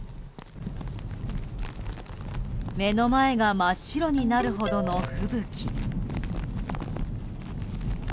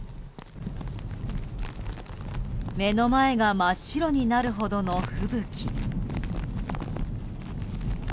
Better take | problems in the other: second | background sound (Ringtone); 15 dB below the speech

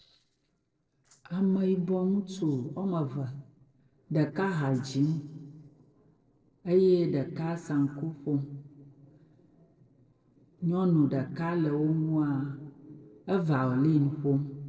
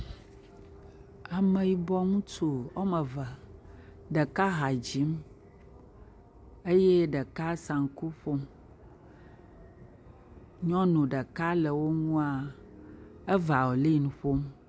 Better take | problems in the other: second | noise reduction (neural separator model SepFormer DNS4)

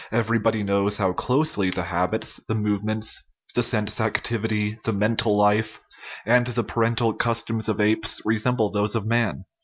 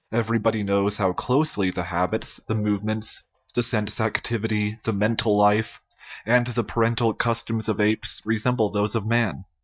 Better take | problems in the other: first | noise reduction (neural mask model DeepFilterNet 3)

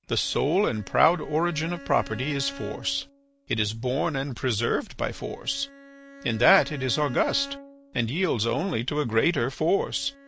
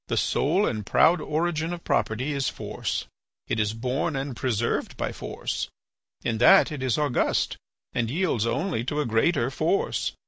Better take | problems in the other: second | background sound (Bowed string instrument); 20 dB below the speech

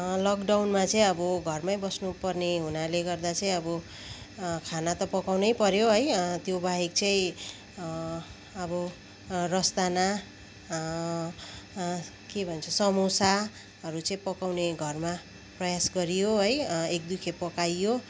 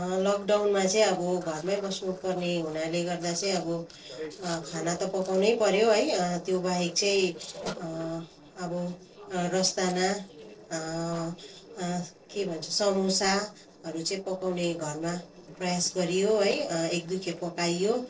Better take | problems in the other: first | noise reduction (neural separator model SepFormer DNS4)

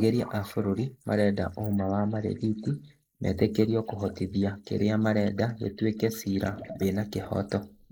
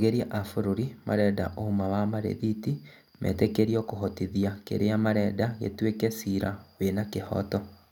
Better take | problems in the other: second | noise reduction (neural mask model Resemble Enhance denoiser)

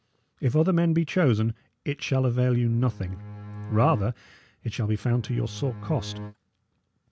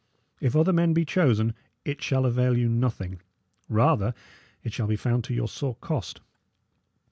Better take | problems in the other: second | background sound (Bowed string instrument); 13 dB below the speech

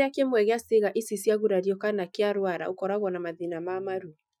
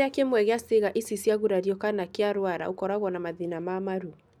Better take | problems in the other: second | noise reduction (classical method Wiener filter)

